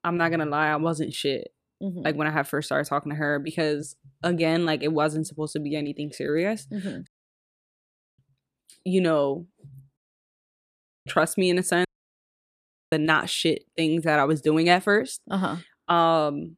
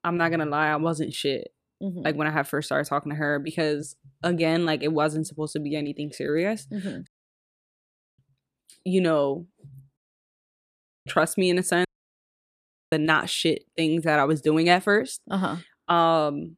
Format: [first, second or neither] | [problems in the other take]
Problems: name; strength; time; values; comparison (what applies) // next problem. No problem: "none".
neither | audio cutting out; at 7 s for 1 s, at 10 s for 1 s and at 12 s for 1 s; the same in both